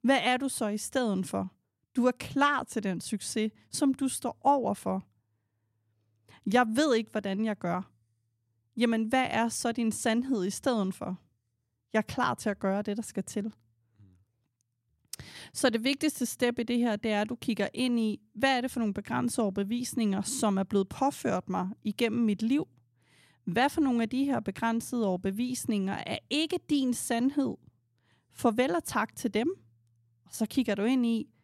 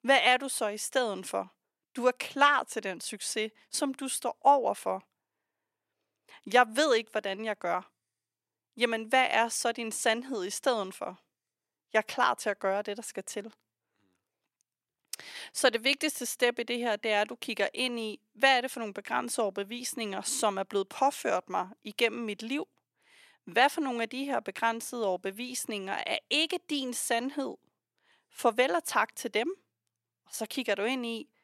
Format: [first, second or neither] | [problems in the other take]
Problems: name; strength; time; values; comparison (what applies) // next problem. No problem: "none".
first | thin; somewhat; fading below 500 Hz